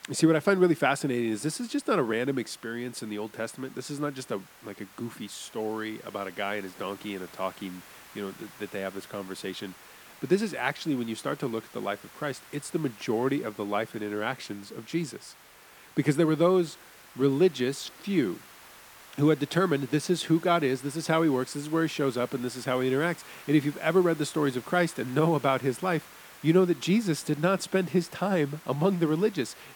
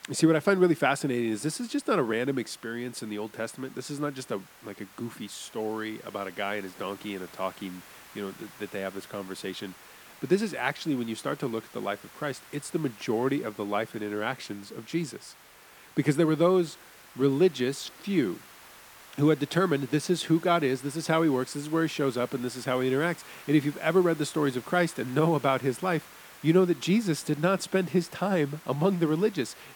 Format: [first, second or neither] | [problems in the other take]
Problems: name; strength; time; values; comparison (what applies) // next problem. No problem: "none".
neither | hiss; faint; throughout; 20 dB below the speech; the same in both